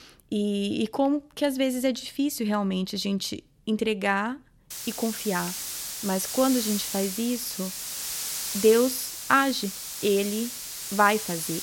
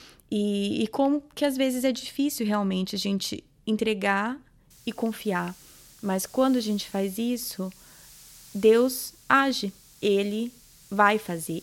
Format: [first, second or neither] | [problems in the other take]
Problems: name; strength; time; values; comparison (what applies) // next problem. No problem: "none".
second | hiss; loud; from 4.5 s on; 5 dB below the speech; faint in the second